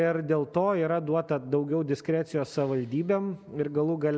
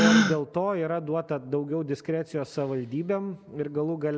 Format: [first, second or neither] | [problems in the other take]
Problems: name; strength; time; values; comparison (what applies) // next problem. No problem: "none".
first | background sound (Gasp); 1 dB below the speech